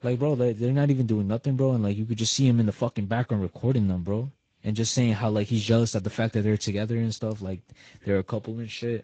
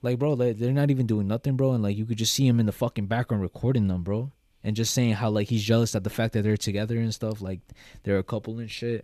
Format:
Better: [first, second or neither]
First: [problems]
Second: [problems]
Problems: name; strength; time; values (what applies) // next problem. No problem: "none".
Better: second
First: garbled, watery; slightly; nothing above 7.5 kHz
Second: none